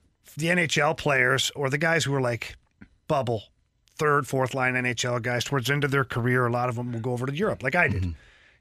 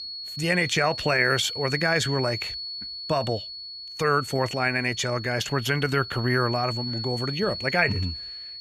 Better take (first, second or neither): first